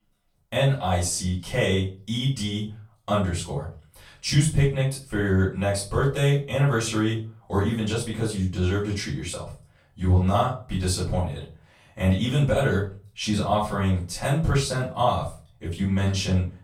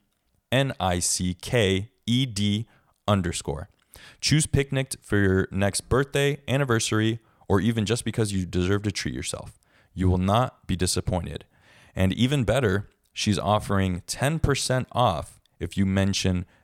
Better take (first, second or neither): second